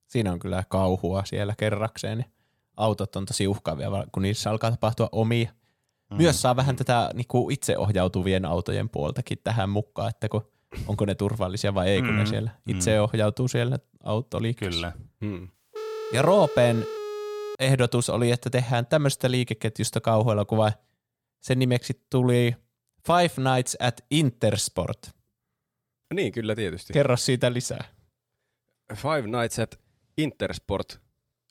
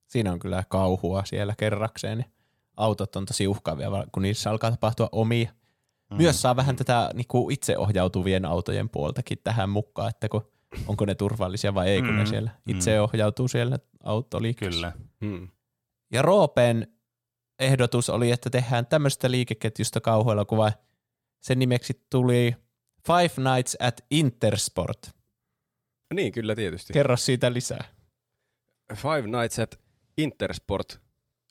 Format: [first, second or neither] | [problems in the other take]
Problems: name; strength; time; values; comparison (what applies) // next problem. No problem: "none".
second | phone ringing; noticeable; from 16 to 18 s; peak 8 dB below the speech